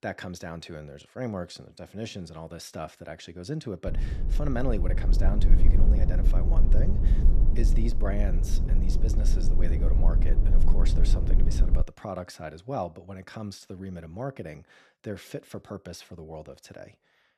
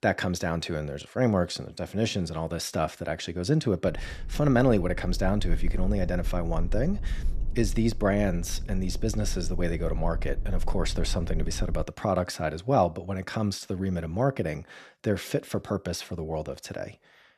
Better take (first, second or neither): second